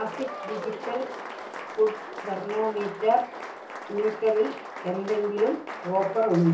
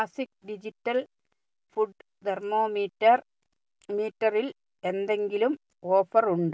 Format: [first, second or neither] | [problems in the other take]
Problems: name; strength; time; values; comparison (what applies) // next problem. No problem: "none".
second | background sound (Applause); 10 dB below the speech // room echo; dies away in 0.7 s